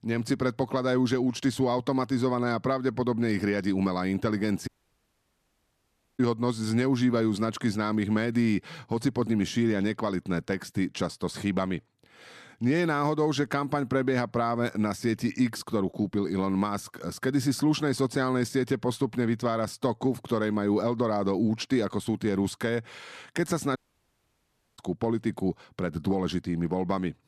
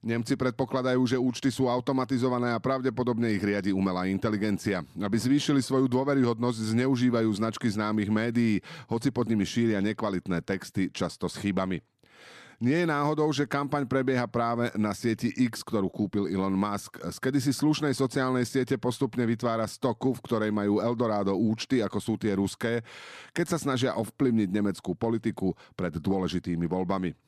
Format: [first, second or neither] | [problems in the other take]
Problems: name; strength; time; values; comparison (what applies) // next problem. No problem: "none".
second | audio cutting out; at 4.5 s for 1.5 s and at 24 s for 1 s